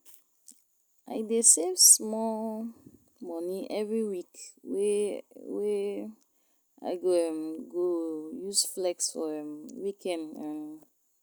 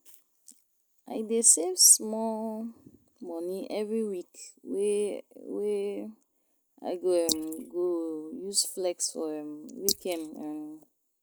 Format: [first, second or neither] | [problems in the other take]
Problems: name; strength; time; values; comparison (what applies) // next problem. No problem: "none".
first | noise reduction (neural mask model Resemble Enhance denoiser)